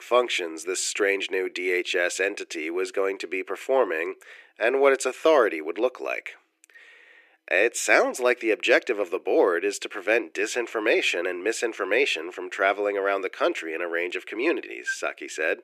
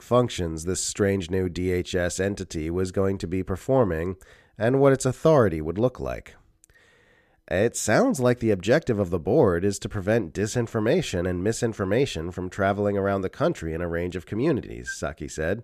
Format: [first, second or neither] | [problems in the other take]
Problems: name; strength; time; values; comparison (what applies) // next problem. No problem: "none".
second | thin; very; fading below 350 Hz